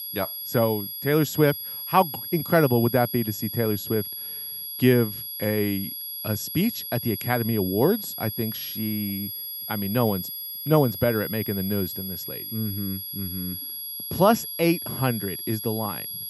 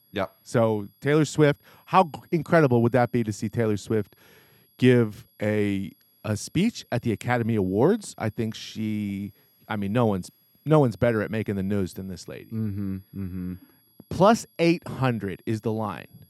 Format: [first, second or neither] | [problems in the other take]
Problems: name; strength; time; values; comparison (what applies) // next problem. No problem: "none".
second | high-pitched whine; loud; throughout; 11.5 kHz, 6 dB below the speech; faint in the second